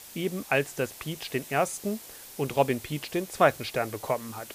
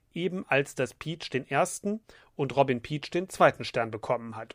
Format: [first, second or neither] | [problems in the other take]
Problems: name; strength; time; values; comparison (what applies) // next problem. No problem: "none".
second | hiss; noticeable; throughout; 15 dB below the speech